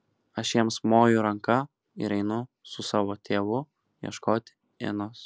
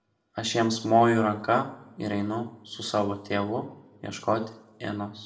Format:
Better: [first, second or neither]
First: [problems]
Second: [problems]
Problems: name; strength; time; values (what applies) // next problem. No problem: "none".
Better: first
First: none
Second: room echo; dies away in 0.5 s